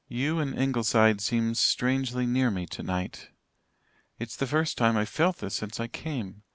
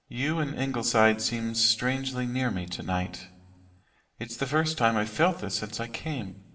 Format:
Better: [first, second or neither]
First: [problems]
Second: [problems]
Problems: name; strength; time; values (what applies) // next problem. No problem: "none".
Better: first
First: none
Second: room echo; dies away in 1.8 s